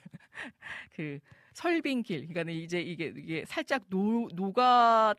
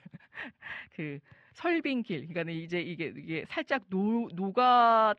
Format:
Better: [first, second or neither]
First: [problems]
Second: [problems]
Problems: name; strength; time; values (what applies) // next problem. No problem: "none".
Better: first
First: none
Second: muffled; very slightly; fading above 3 kHz